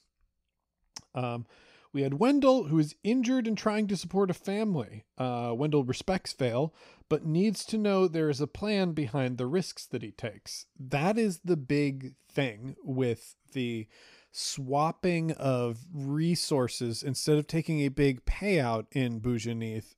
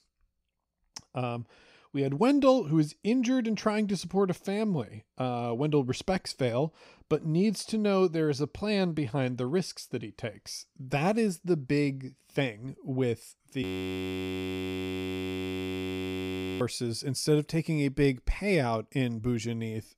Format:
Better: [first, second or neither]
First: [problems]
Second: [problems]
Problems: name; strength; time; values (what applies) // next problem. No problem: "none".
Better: first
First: none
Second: audio freezing; at 14 s for 3 s